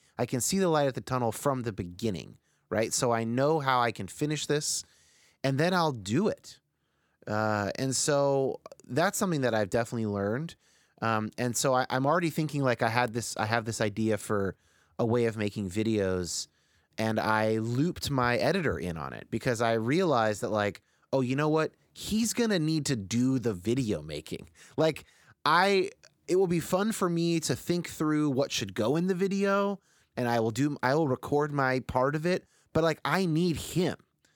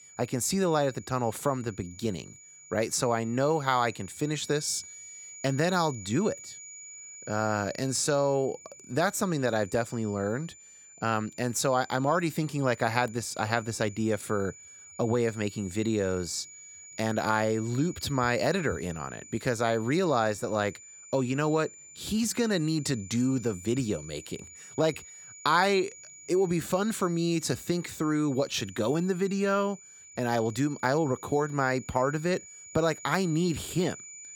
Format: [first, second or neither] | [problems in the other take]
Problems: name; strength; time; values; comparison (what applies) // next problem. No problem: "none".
first | high-pitched whine; noticeable; throughout; 7 kHz, 15 dB below the speech